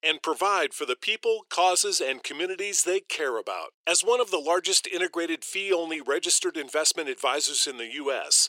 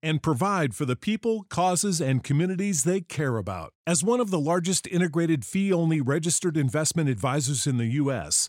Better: second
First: thin; very; fading below 400 Hz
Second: none

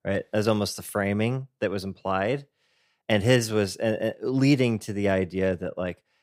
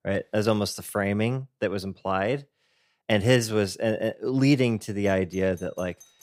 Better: first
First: none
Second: alarms or sirens; faint; from 5 s on; 25 dB below the speech

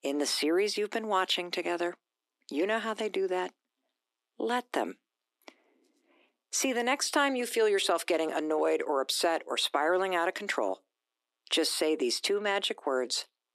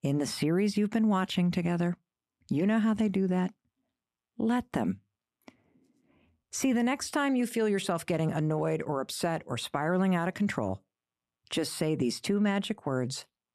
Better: second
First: thin; very; fading below 300 Hz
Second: none

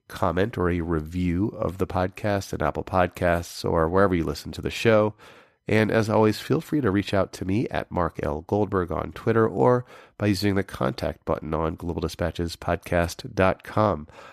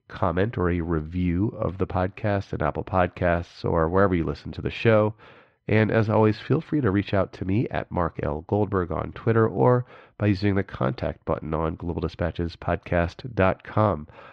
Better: first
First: none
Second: muffled; slightly; fading above 3.5 kHz

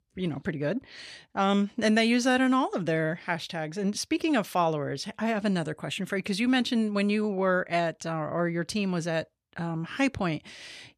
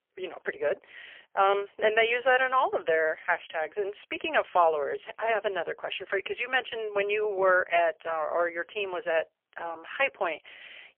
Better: first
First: none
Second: phone-call audio; poor line; nothing above 3 kHz

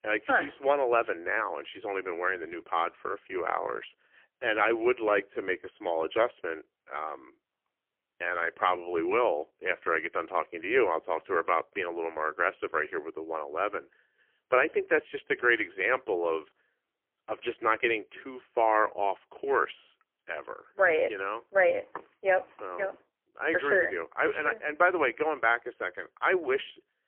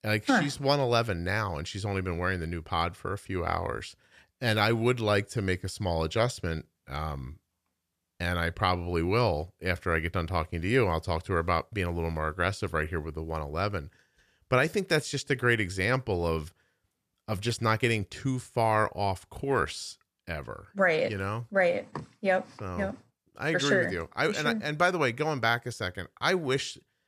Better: second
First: phone-call audio; poor line; nothing above 3 kHz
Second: none

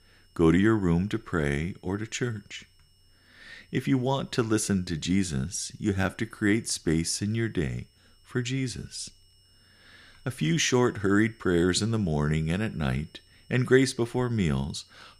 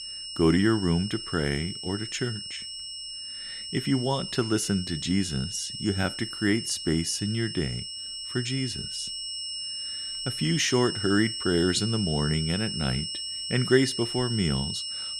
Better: first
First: high-pitched whine; faint; throughout; 5.5 kHz, 35 dB below the speech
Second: high-pitched whine; loud; throughout; 5.5 kHz, 5 dB below the speech

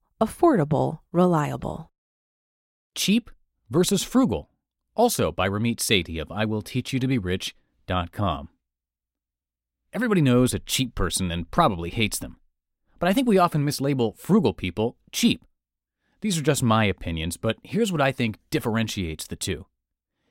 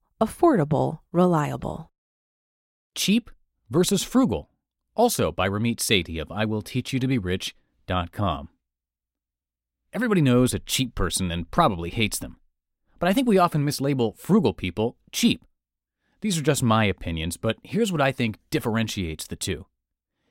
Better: neither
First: none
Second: none

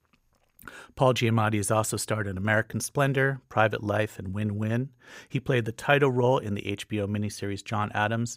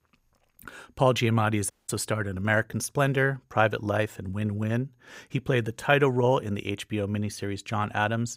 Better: first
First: none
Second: audio cutting out; at 1.5 s

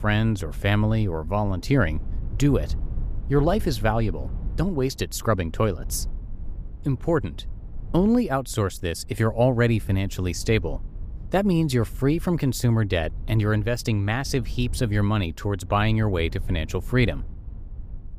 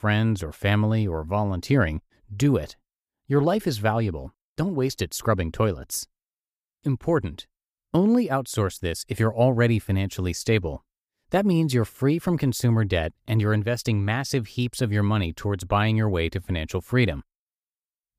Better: second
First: low rumble; faint; throughout; 25 dB below the speech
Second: none

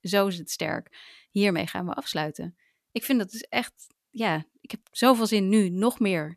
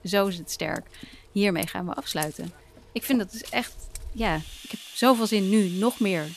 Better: first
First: none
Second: household noises; noticeable; throughout; 15 dB below the speech

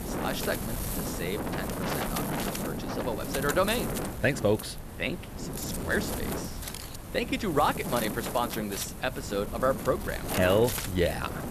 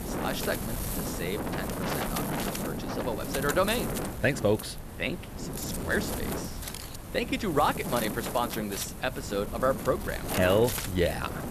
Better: neither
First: wind noise on the microphone; heavy; 7 dB below the speech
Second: wind noise on the microphone; heavy; 7 dB below the speech

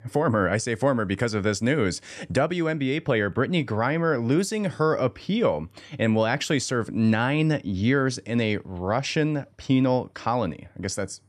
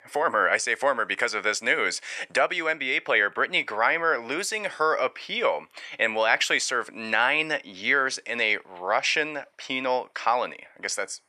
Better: first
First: none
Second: thin; very; fading below 750 Hz

